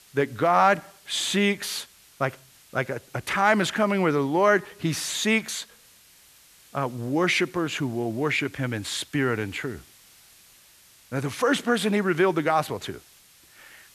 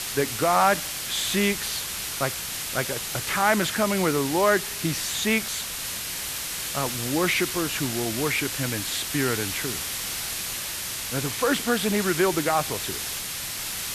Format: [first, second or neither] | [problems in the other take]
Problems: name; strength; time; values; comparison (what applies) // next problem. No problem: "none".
first | hiss; loud; throughout; 3 dB below the speech; faint in the first